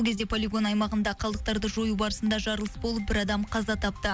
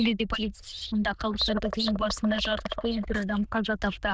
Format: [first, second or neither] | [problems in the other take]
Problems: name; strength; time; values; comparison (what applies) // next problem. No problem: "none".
first | noise reduction (neural diffusion model UNIVERSE++)